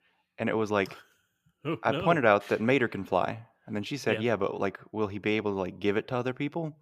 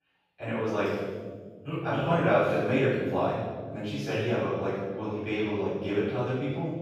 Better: first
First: none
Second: off-mic speech; far // room echo; strong; dies away in 1.6 s

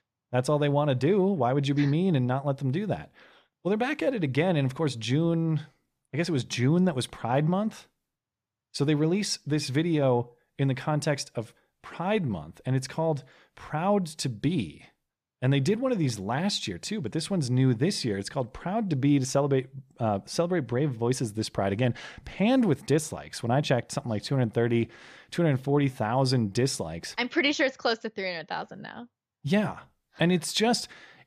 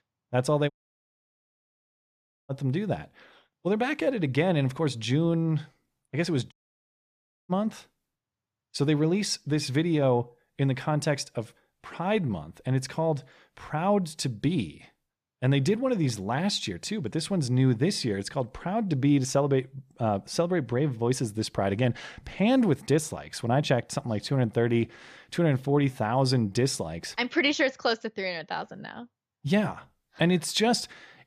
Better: first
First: none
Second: audio cutting out; at 0.5 s for 2 s and at 6.5 s for 1 s

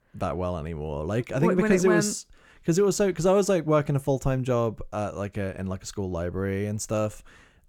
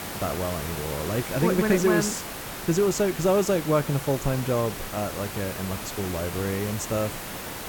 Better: first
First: none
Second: hiss; loud; throughout; 7 dB below the speech

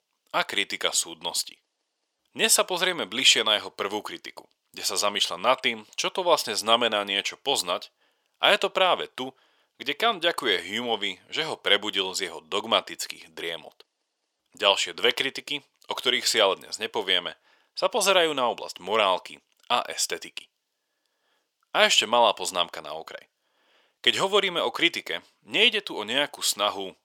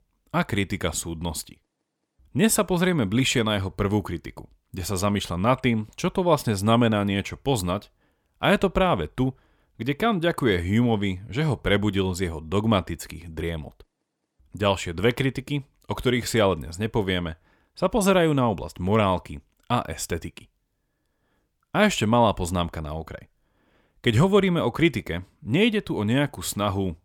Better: second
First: thin; very; fading below 600 Hz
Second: none

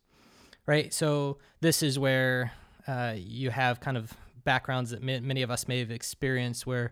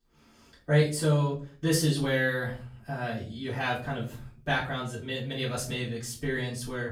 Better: first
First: none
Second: off-mic speech; far // room echo; slight; dies away in 0.4 s

